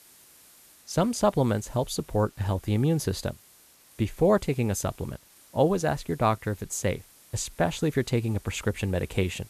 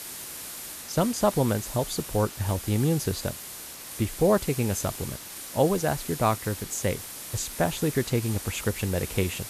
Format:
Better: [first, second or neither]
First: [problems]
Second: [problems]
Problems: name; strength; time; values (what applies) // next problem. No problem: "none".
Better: first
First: hiss; faint; throughout; 25 dB below the speech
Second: hiss; loud; throughout; 9 dB below the speech